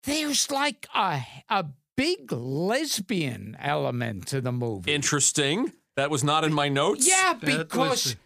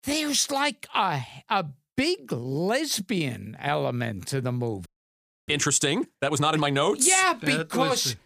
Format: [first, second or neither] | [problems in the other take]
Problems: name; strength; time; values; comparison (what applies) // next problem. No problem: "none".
first | audio freezing; at 5 s for 0.5 s